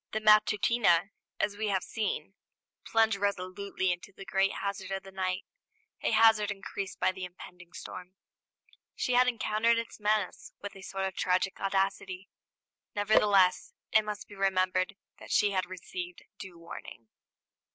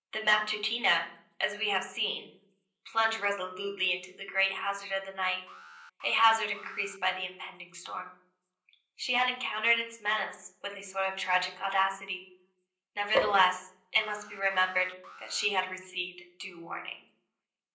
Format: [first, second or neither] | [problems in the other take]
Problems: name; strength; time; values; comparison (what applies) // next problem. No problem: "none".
first | background sound (Alarm); 19 dB below the speech // room echo; dies away in 0.6 s